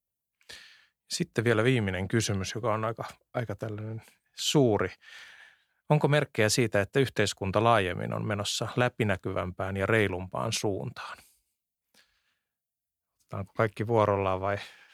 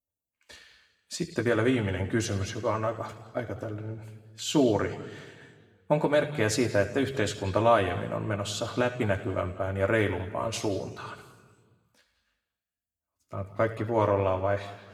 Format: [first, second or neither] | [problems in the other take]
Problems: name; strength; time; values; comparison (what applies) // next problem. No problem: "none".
first | room echo; slight; dies away in 1.4 s